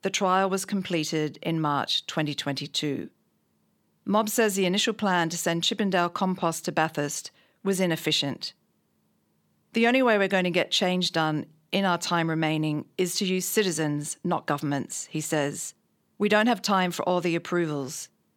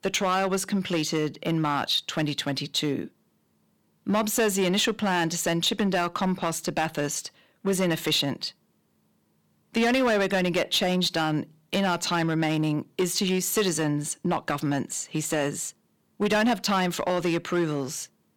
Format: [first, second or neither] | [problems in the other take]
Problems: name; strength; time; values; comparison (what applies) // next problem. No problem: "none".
first | distortion; slight; 6% of the sound clipped